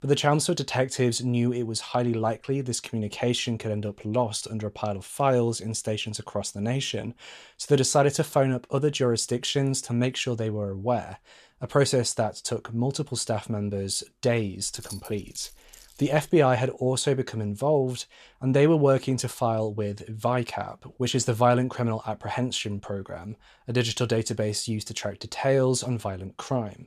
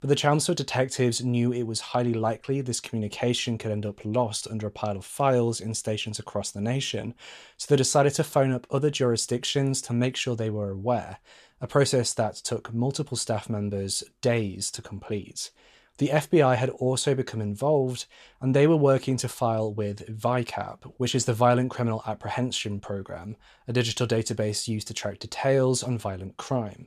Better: second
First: jangling keys; faint; from 15 to 16 s; peak 15 dB below the speech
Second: none

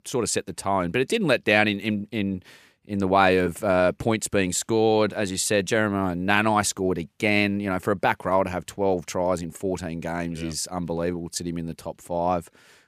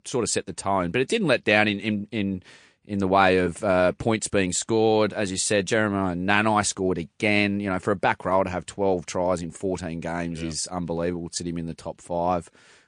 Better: first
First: none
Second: garbled, watery; slightly; nothing above 9 kHz

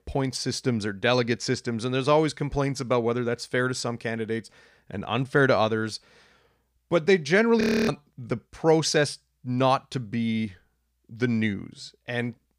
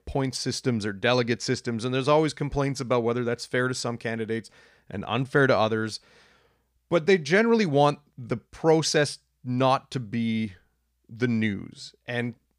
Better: second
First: audio freezing; at 7.5 s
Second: none

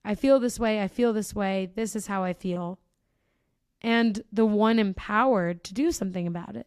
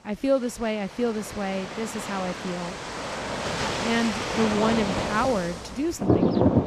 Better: first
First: none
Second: rain or running water; loud; throughout; as loud as the speech

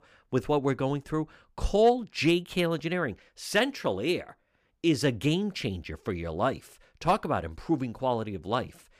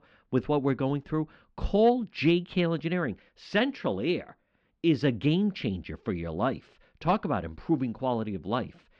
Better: first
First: none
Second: muffled; very slightly; fading above 4 kHz

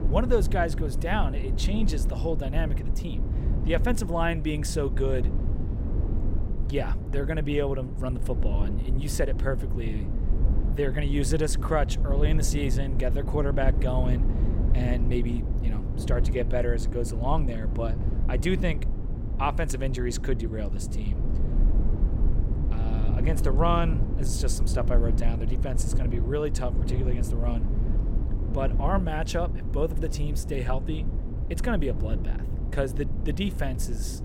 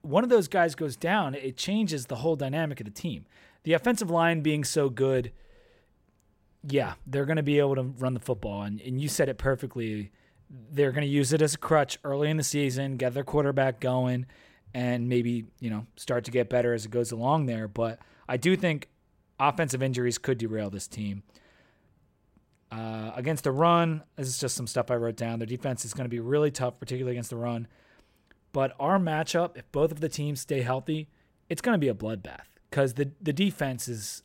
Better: second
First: low rumble; loud; throughout; 10 dB below the speech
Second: none

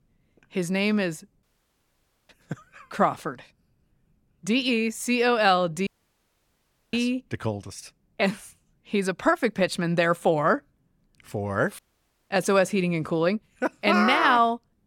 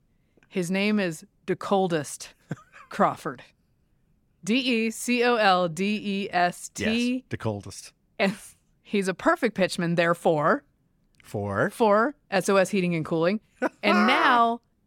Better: second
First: audio cutting out; at 1.5 s for 1 s, at 6 s for 1 s and at 12 s for 0.5 s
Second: none

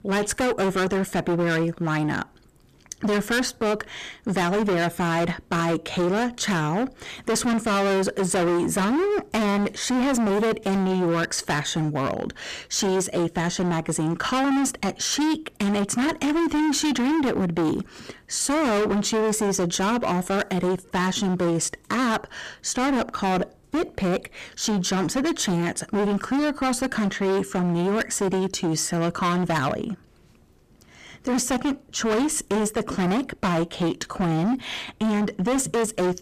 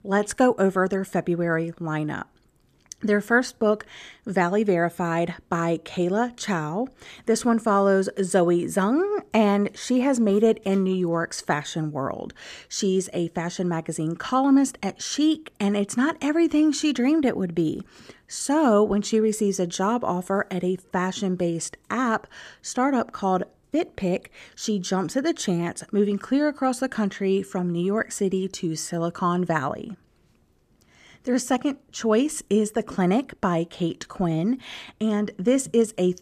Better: second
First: distortion; heavy; 28% of the sound clipped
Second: none

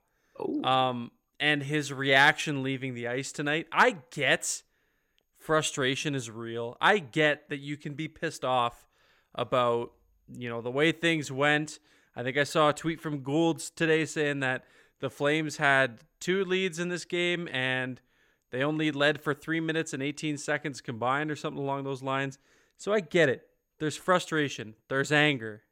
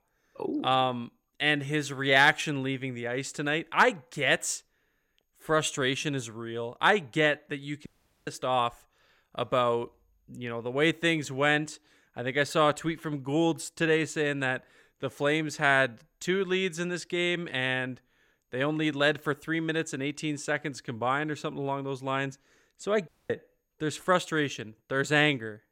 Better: first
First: none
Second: audio cutting out; at 8 s and at 23 s

